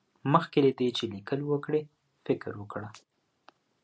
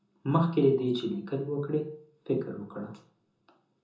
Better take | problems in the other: first | room echo; dies away in 0.6 s

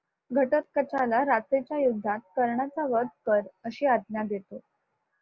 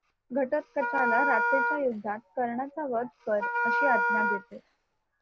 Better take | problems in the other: first | background sound (Wind instrument, woodwind instrument); 1 dB above the speech

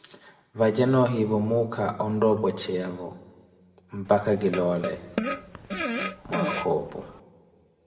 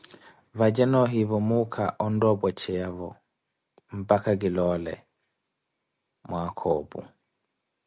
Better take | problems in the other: second | background sound (Fart); 6 dB below the speech // room echo; dies away in 1.3 s

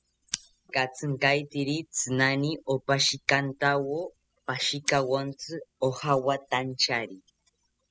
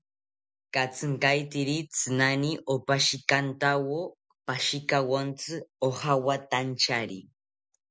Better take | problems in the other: second | noise reduction (classical method spectral subtraction)

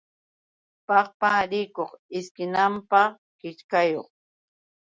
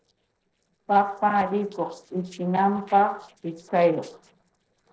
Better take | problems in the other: first | noise reduction (neural separator model SepFormer DNS4)

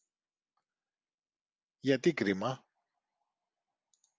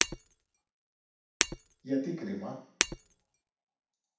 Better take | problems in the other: first | background sound (Shatter); 3 dB above the speech // room echo; dies away in 0.7 s

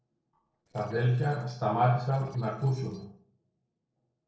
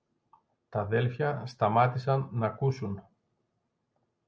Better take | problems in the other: second | noise reduction (neural separator model SepFormer DNS4)

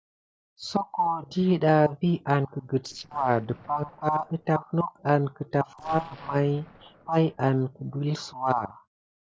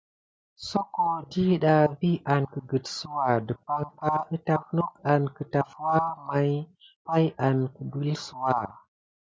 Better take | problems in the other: second | noise reduction (neural separator model SepFormer DNS4)

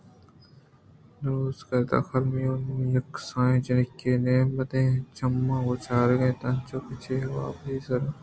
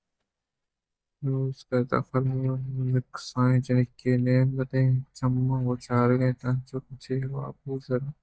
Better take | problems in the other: first | noise reduction (neural mask model DeepFilterNet 3)

